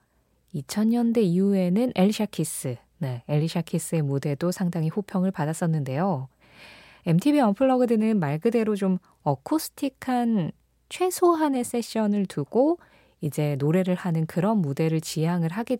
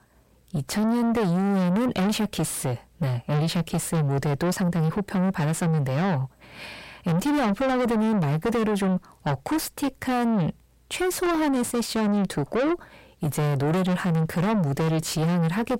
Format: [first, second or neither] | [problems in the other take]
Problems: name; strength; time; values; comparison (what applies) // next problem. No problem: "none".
first | distortion; heavy; 5 dB below the speech